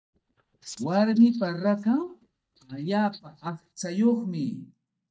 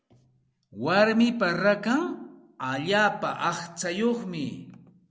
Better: second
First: noise reduction (neural mask model DeepFilterNet 3)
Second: none

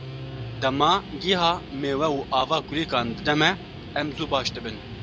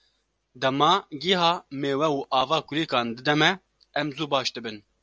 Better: second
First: background sound (Guitar); 11 dB below the speech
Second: none

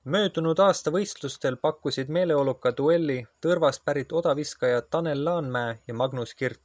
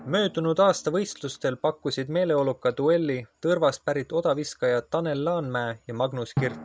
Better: first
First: none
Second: background sound (Drum); 16 dB below the speech

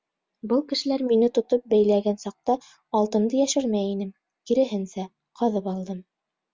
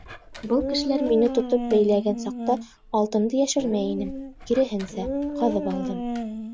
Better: first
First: none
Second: background sound (Dog); 6 dB below the speech

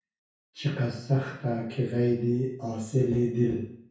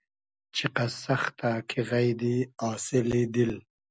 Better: second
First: room echo; dies away in 0.6 s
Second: none

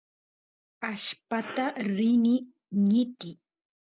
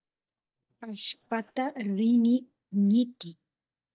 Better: first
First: none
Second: noise reduction (neural mask model DeepFilterNet 3)

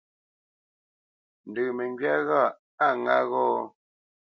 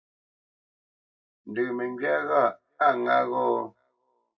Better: first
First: none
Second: room echo; dies away in 0.2 s

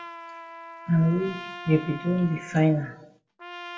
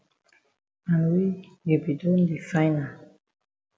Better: second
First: background sound (Trumpet); 15 dB below the speech // room echo; dies away in 0.2 s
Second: none

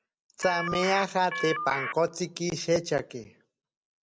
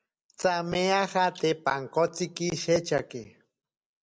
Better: second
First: background sound (Telephone); 3 dB below the speech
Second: none

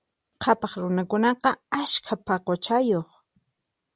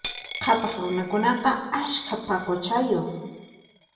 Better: first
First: none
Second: background sound (Coin (dropping)); 14 dB below the speech // room echo; dies away in 1.1 s

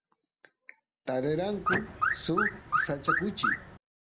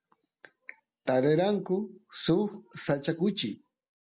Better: second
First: background sound (Alarm / Car); 4 dB above the speech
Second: none

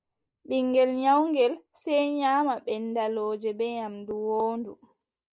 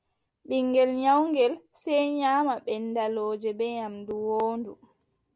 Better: second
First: noise reduction (neural mask model Resemble Enhance denoiser)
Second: none

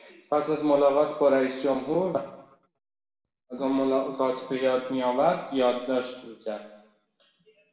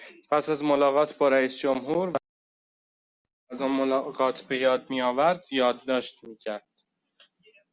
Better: second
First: room echo; dies away in 0.9 s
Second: none

